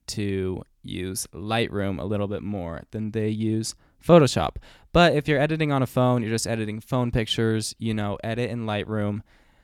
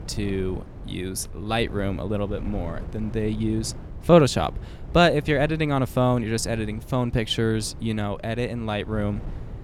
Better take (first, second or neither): first